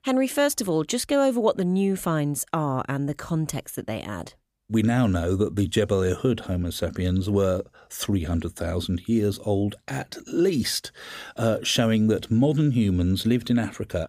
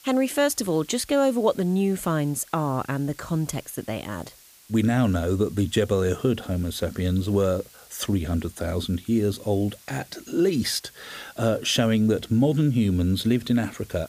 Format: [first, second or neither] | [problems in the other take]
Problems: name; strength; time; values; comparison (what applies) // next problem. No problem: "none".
first | hiss; faint; throughout; 25 dB below the speech